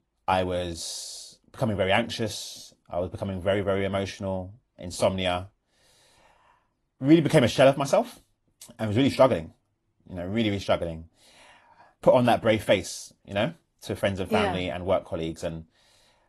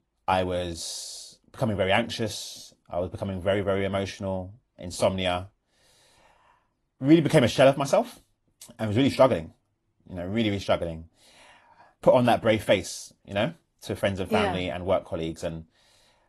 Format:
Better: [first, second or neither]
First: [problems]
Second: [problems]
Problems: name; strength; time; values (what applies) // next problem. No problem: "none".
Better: neither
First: garbled, watery; slightly; nothing above 12 kHz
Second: garbled, watery; slightly; nothing above 12 kHz